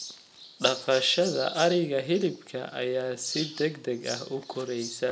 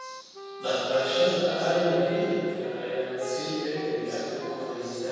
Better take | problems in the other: first | background sound (Wind instrument, woodwind instrument); 13 dB below the speech // room echo; dies away in 2.2 s

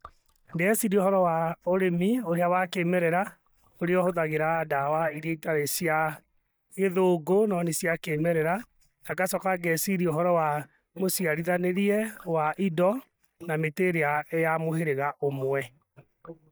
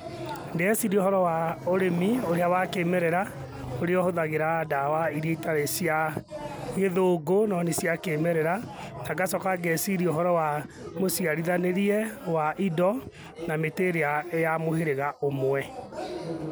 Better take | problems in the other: second | noise reduction (neural mask model DeepFilterNet 3)

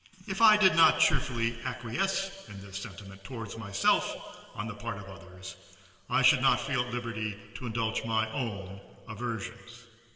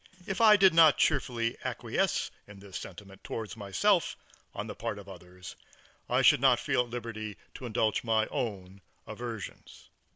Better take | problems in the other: second | room echo; dies away in 1.9 s

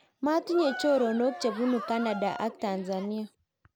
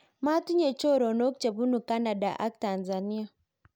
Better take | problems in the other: second | background sound (Cheering); 12 dB below the speech

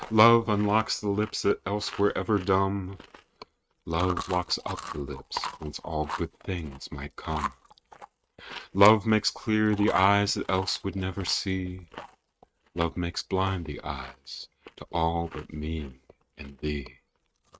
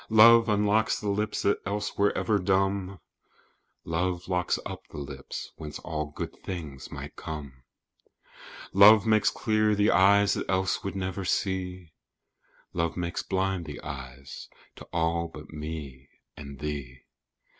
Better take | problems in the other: second | noise reduction (neural mask model RNNoise)

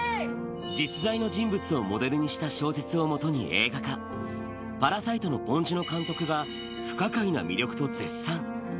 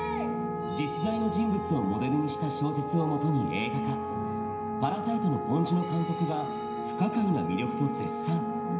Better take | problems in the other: first | background sound (Wind instrument, woodwind instrument); 5 dB below the speech // room echo; dies away in 0.9 s

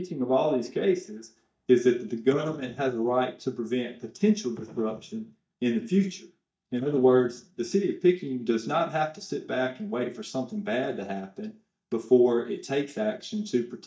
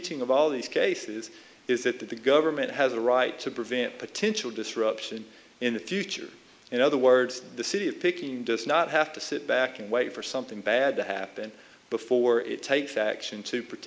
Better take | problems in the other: second | noise reduction (neural mask model DeepFilterNet 3)

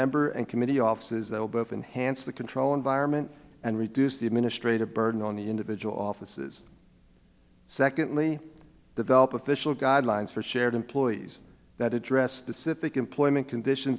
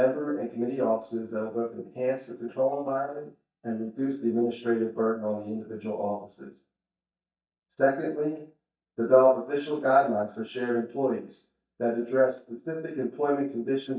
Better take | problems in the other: first | noise reduction (neural mask model DeepFilterNet 3)

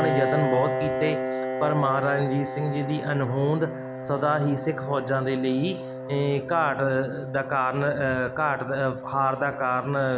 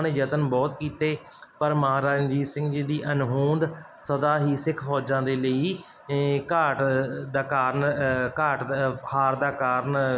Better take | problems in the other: second | background sound (Piano); 6 dB below the speech

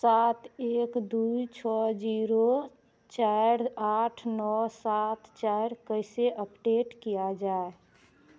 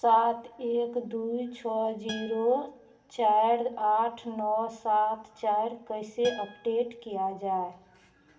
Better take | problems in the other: first | background sound (Acoustic guitar); 18 dB below the speech // room echo; dies away in 0.7 s

